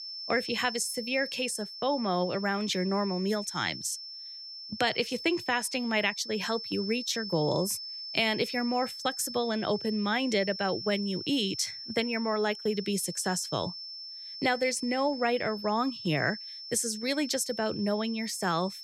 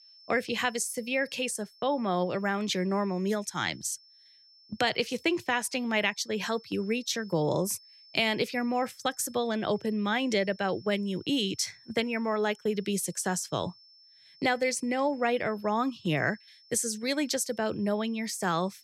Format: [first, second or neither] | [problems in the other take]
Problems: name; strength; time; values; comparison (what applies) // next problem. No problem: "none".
second | high-pitched whine; loud; throughout; 5.5 kHz, 8 dB below the speech; faint in the second